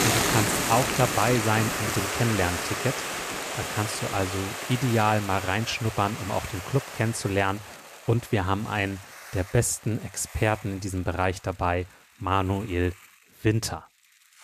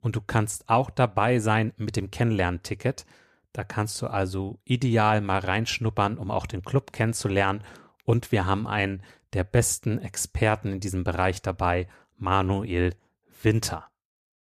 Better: second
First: hiss; loud; throughout; 2 dB below the speech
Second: none

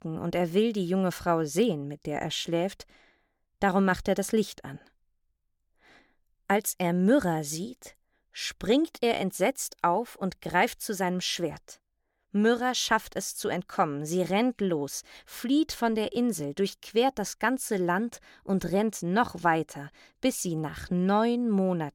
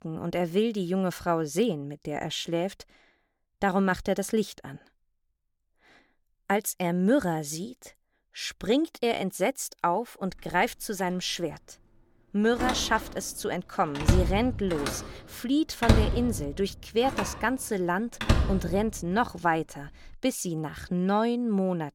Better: first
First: none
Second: door banging; loud; from 13 to 19 s; peak 4 dB above the speech

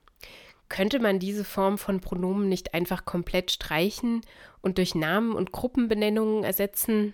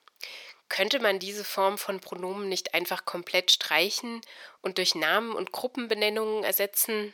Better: first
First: none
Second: thin; somewhat; fading below 500 Hz

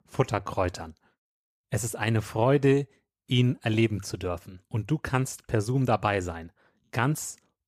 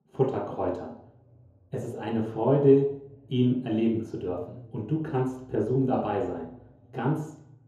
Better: first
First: none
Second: room echo; noticeable; dies away in 1.7 s // off-mic speech; far

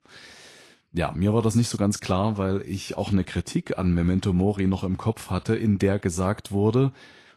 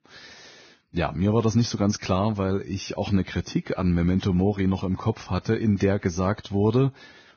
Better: first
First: garbled, watery; slightly; nothing above 11.5 kHz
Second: garbled, watery; badly; nothing above 6.5 kHz

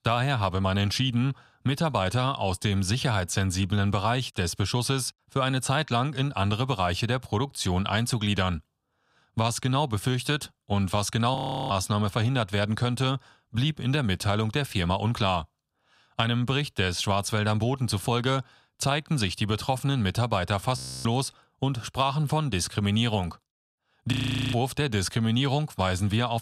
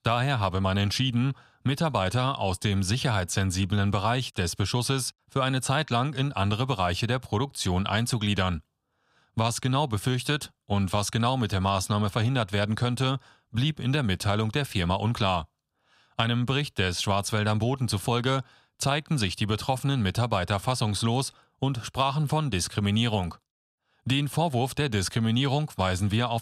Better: second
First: audio freezing; at 11 s, at 21 s and at 24 s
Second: none

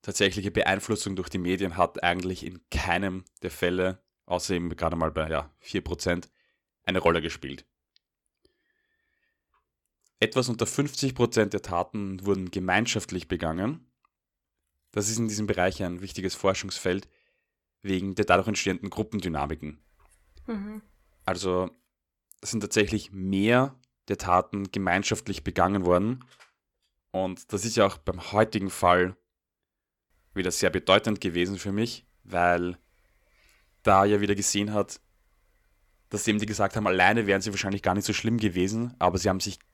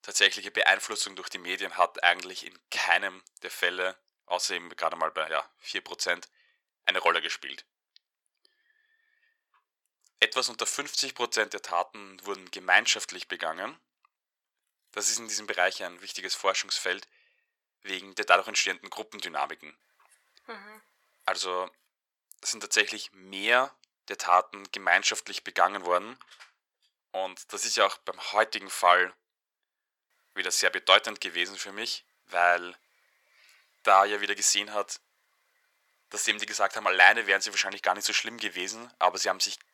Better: first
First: none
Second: thin; very; fading below 800 Hz

